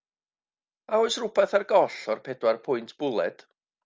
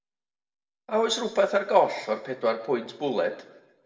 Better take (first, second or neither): first